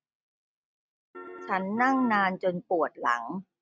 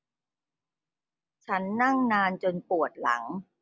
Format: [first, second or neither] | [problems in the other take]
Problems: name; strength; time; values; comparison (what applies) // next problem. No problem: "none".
second | noise reduction (neural mask model RNNoise)